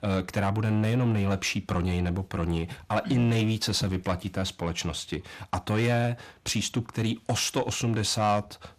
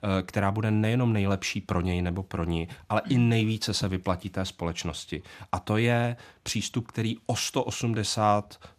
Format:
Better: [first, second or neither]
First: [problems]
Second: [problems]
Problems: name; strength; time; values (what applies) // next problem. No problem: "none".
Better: second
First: distortion; slight; 10 dB below the speech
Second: none